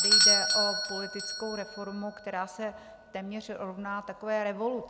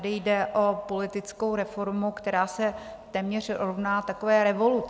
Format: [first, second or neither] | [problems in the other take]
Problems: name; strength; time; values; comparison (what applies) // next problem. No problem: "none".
second | background sound (Bell / Doorbell); 5 dB above the speech